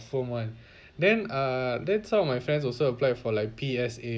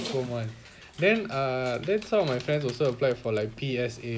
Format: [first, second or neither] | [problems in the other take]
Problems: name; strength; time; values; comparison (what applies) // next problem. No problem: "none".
first | background sound (Dog); 17 dB below the speech